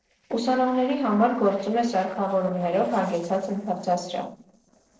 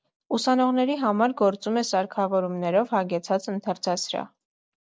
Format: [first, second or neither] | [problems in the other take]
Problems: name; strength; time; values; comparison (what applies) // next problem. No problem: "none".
second | noise reduction (neural separator model SepFormer DNS4)